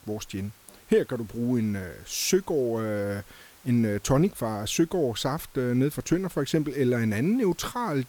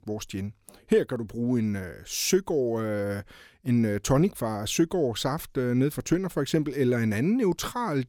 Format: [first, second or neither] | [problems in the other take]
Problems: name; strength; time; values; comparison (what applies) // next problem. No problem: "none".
second | hiss; faint; throughout; 25 dB below the speech